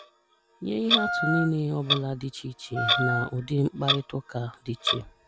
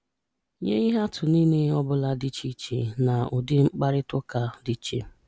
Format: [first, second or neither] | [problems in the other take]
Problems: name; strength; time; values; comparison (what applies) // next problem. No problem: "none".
second | background sound (Wind instrument, woodwind instrument + Clock); 1 dB below the speech